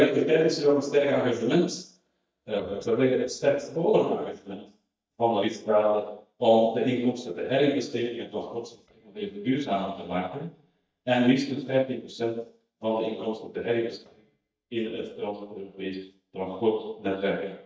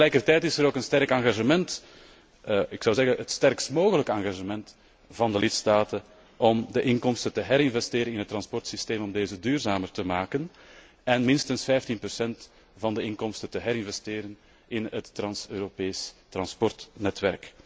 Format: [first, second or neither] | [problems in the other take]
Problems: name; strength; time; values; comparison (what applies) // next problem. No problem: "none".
second | noise reduction (neural mask model DeepFilterNet 3)